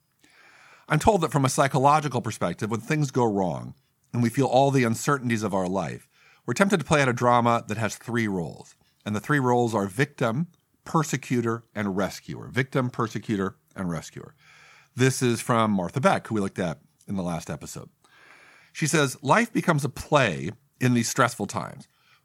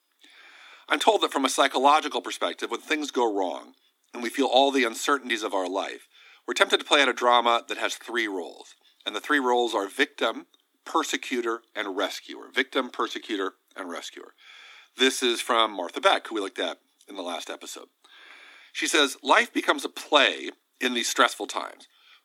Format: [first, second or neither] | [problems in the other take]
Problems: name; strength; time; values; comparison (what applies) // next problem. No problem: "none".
first | thin; somewhat; fading below 250 Hz